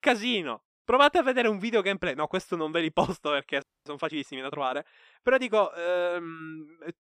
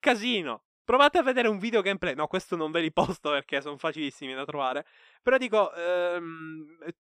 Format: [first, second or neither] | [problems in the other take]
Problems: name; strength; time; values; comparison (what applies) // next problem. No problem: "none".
second | audio freezing; at 3.5 s